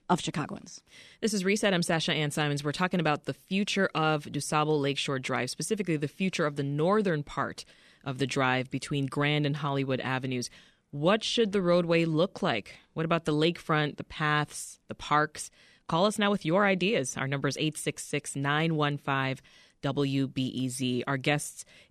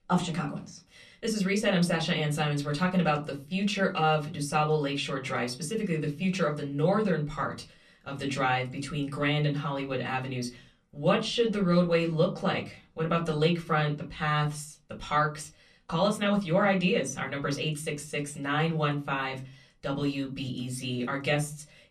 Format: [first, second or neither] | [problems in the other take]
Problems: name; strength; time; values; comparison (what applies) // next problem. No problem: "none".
first | off-mic speech; somewhat distant // room echo; very slight; dies away in 0.3 s